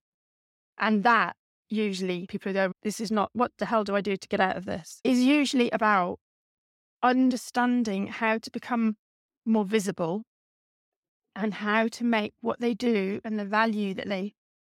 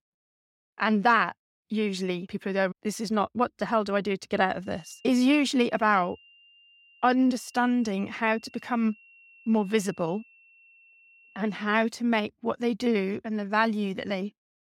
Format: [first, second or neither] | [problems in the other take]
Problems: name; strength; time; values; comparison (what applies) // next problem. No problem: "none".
first | high-pitched whine; faint; from 4.5 to 12 s; 2.5 kHz, 25 dB below the speech